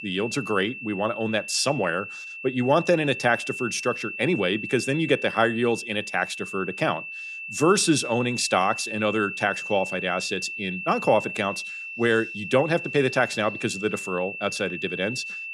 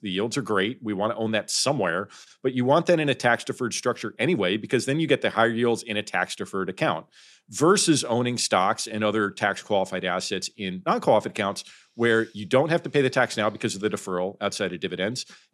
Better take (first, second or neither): second